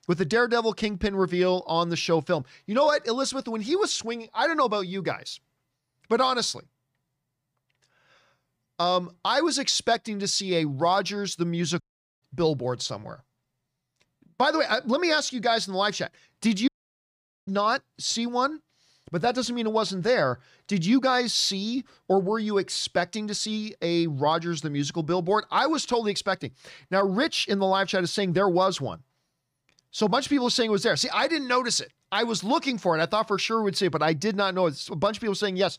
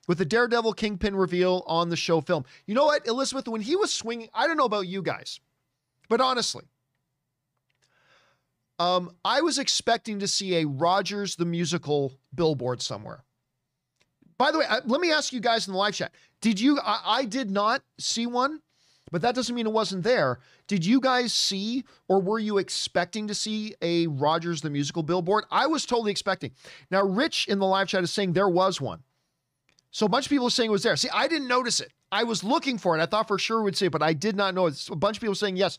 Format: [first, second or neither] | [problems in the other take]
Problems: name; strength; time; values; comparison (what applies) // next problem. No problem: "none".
second | audio cutting out; at 12 s and at 17 s for 1 s